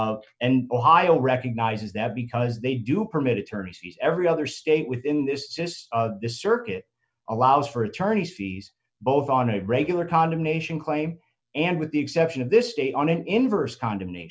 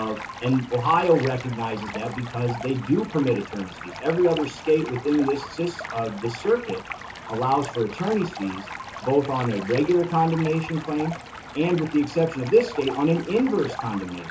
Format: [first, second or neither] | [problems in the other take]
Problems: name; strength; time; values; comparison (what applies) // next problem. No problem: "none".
first | background sound (Stream); 12 dB below the speech // room echo; dies away in 0.2 s